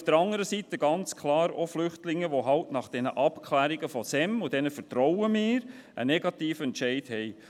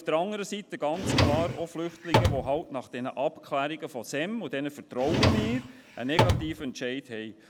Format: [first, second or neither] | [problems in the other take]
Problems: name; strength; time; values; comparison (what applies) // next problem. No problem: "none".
first | background sound (Drawer open or close); 4 dB above the speech